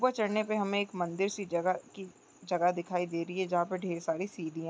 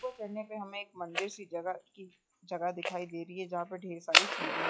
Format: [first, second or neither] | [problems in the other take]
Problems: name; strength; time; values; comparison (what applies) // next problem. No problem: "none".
first | noise reduction (classical method log-MMSE)